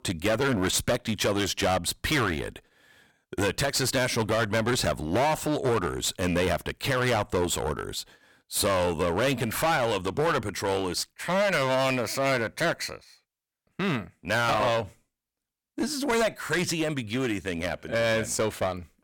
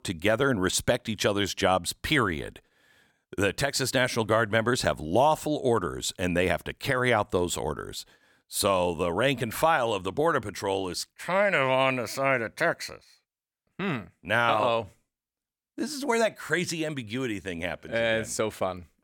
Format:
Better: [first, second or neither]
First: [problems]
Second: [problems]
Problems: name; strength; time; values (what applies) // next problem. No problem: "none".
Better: second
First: distortion; heavy; 13% of the sound clipped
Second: none